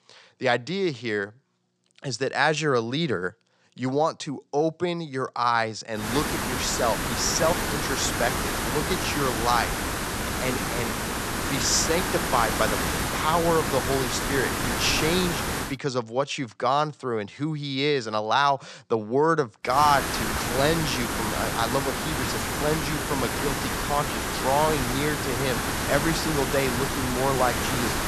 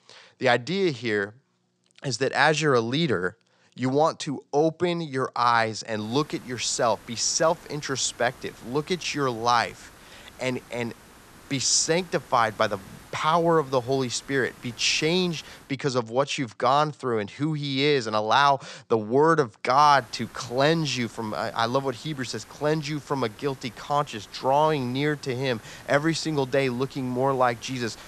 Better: second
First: hiss; loud; from 6 to 16 s and from 20 s on; 1 dB below the speech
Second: hiss; faint; from 6 to 16 s and from 20 s on; 25 dB below the speech

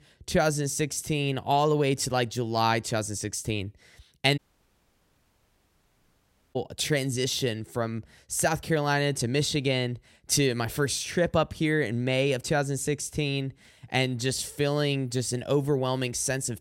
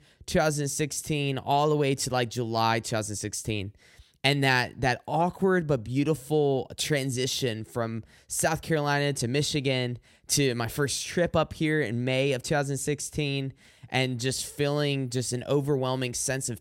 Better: second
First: audio cutting out; at 4.5 s for 2 s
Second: none

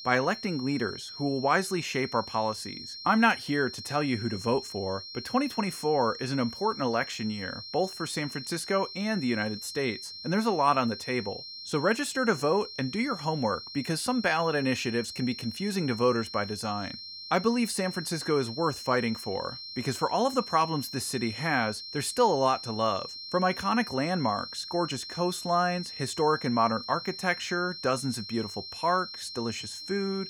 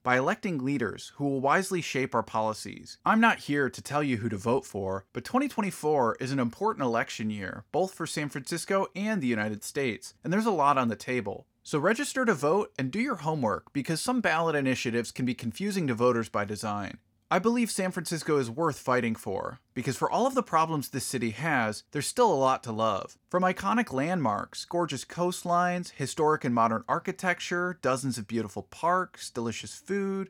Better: second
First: high-pitched whine; loud; throughout; 4 kHz, 10 dB below the speech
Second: none

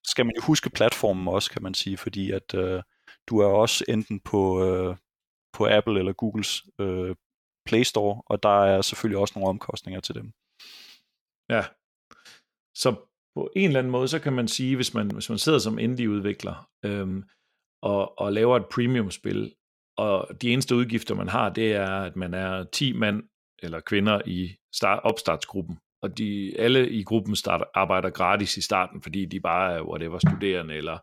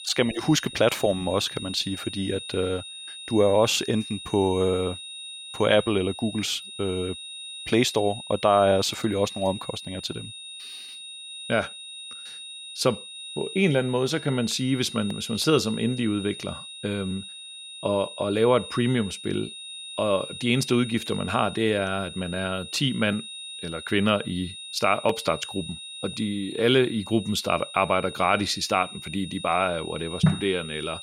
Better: first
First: none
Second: high-pitched whine; noticeable; throughout; 3.5 kHz, 10 dB below the speech

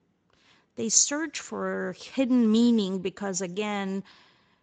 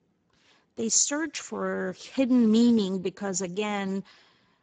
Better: first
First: garbled, watery; slightly; nothing above 7.5 kHz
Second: garbled, watery; badly; nothing above 7.5 kHz

